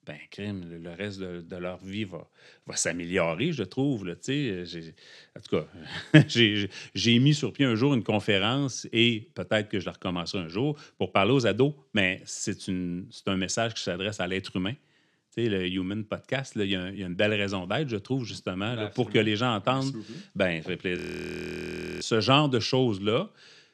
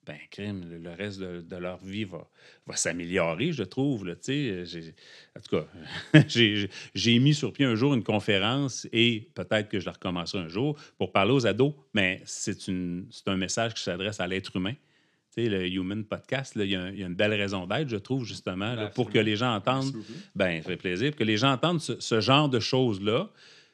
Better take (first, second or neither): second